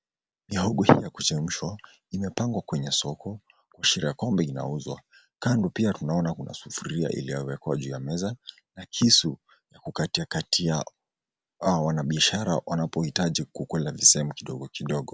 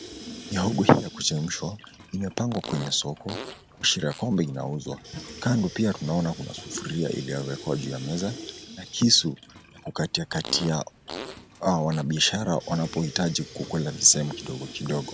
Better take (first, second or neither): first